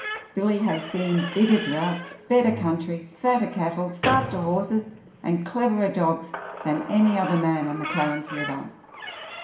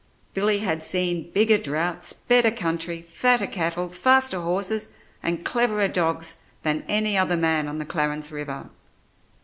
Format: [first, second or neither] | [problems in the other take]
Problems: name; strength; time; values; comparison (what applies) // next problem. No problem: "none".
second | background sound (Squeak / Slam); 11 dB below the speech // room echo; dies away in 0.5 s